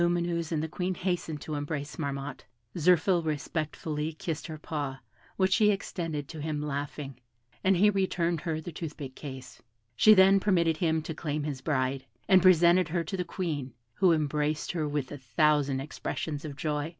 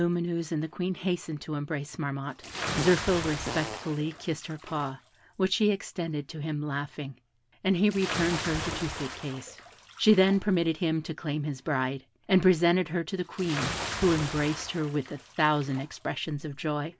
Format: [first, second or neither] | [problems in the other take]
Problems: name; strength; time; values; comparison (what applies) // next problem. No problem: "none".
first | background sound (Bathtub (filling or washing) / Splash, splatter + Fart); 11 dB below the speech